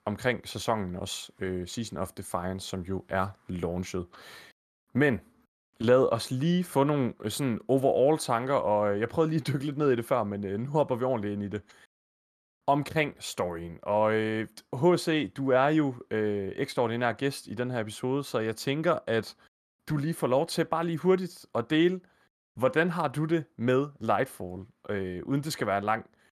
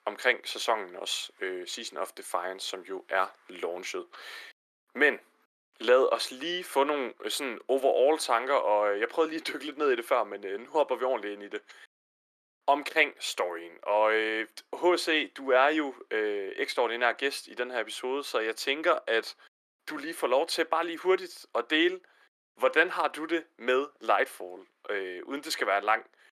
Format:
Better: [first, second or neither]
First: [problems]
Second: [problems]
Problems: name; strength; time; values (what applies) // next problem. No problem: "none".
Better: first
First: none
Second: thin; very; fading below 350 Hz